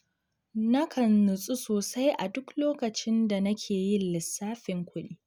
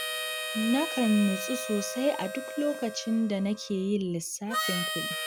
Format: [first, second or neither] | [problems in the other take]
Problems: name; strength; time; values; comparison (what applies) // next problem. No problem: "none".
first | background sound (Harmonica); 6 dB below the speech